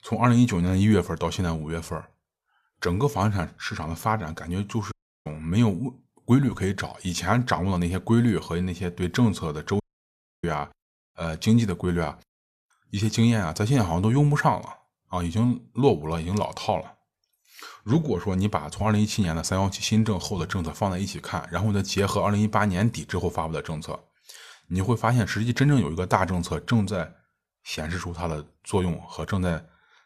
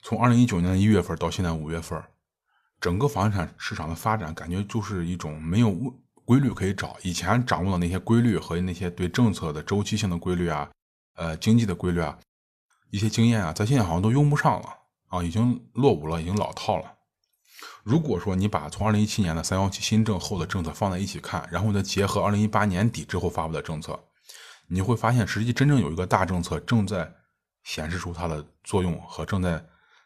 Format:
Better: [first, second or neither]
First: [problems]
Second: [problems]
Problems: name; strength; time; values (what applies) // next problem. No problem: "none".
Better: second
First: audio cutting out; at 5 s and at 10 s for 0.5 s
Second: none